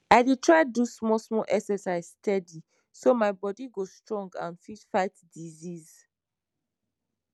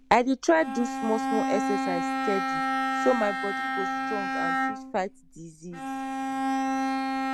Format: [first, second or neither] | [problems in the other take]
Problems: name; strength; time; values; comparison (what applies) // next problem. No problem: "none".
first | background sound (Bowed string instrument); as loud as the speech